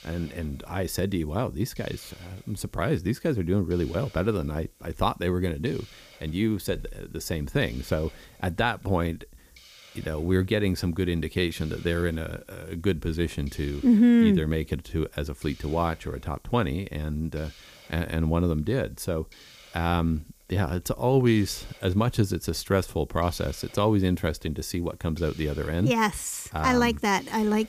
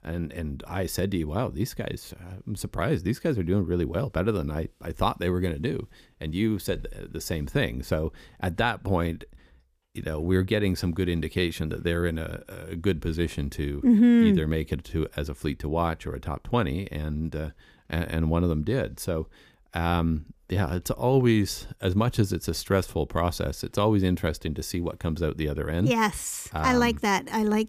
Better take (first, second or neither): second